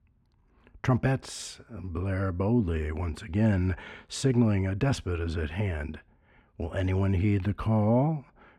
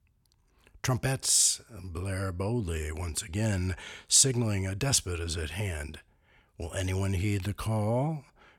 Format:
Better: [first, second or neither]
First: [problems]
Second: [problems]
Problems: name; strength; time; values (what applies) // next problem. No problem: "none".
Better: second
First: muffled; very; fading above 4 kHz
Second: none